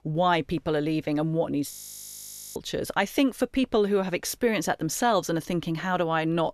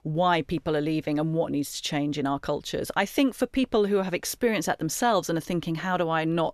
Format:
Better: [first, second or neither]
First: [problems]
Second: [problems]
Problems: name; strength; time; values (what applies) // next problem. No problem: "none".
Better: second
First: audio freezing; at 1.5 s for 1 s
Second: none